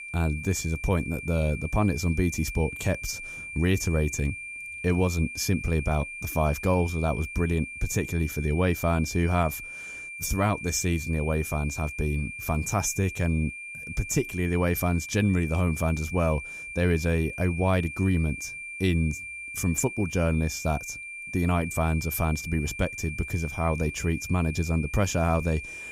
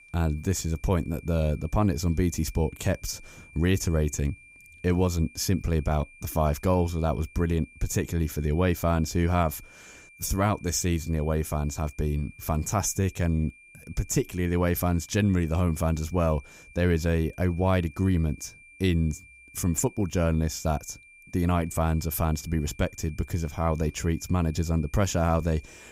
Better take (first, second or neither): second